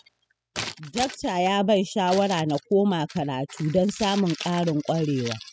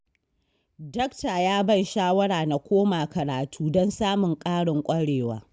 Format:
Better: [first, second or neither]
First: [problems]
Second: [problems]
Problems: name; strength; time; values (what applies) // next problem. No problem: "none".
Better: second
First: noise reduction (classical method spectral subtraction)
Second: none